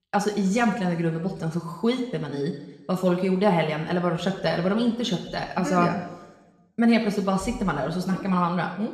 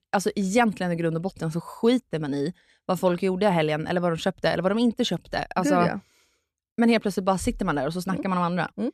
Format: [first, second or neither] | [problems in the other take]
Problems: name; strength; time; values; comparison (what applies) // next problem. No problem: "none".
second | room echo; slight; dies away in 1 s // off-mic speech; somewhat distant